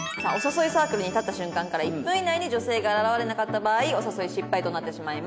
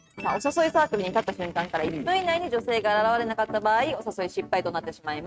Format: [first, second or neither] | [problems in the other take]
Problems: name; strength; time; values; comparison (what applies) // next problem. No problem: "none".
first | noise reduction (neural mask model RNNoise)